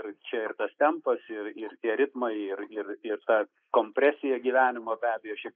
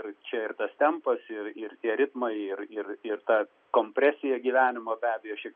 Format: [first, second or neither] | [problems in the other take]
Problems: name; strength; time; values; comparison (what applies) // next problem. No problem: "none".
second | noise reduction (neural mask model Resemble Enhance denoiser)